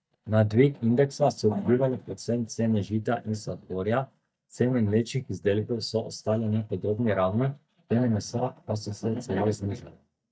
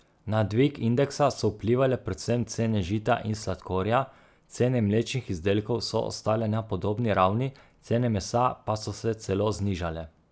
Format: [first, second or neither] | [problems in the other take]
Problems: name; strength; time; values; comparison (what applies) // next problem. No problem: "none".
second | noise reduction (neural mask model DeepFilterNet 3)